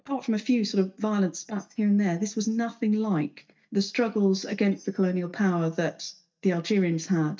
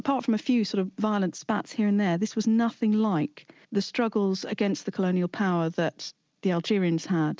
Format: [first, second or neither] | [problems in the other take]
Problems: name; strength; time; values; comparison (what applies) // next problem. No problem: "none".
second | noise reduction (neural mask model DeepFilterNet 3)